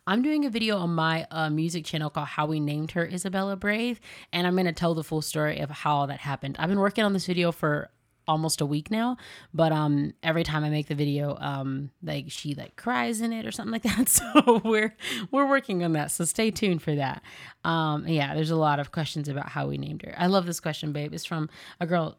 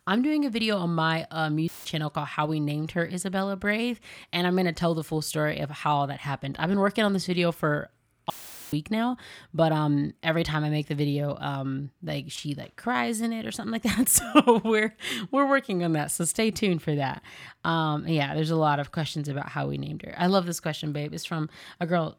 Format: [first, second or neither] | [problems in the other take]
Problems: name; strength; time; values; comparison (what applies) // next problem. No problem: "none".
first | audio cutting out; filled with static; at 1.5 s and at 8.5 s